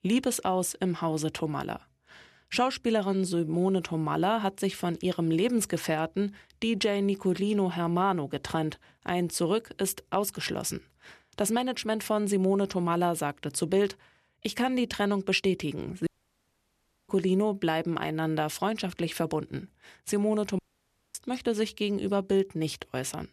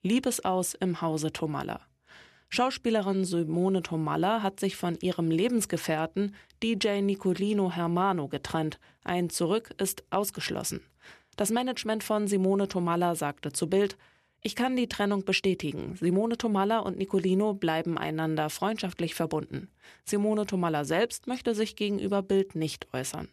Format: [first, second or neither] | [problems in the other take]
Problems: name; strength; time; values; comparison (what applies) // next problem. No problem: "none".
second | audio cutting out; at 16 s for 1 s and at 21 s for 0.5 s